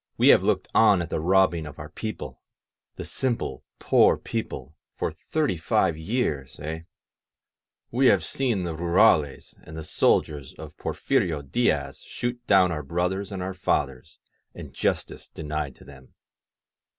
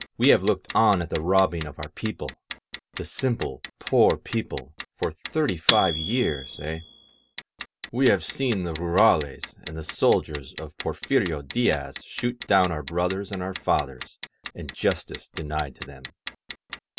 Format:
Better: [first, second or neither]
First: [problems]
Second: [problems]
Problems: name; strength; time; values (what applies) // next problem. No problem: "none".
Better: first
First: none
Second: background sound (Clock); 12 dB below the speech